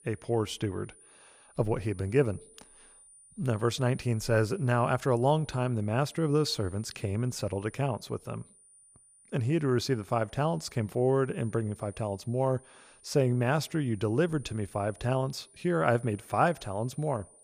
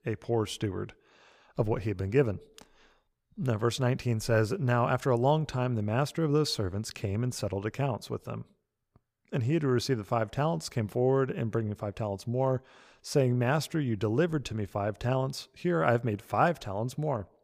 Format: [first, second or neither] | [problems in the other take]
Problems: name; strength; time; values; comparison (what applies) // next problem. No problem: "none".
second | high-pitched whine; faint; throughout; 9.5 kHz, 25 dB below the speech